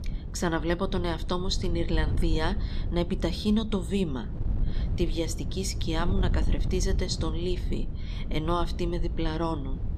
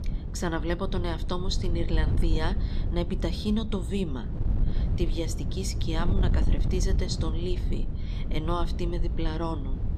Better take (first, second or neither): first